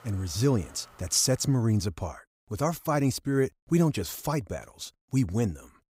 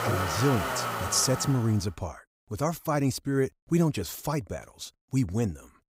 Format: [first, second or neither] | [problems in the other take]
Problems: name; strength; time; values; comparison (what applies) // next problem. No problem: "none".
first | traffic noise; loud; until 1.5 s; 3 dB below the speech; faint in the first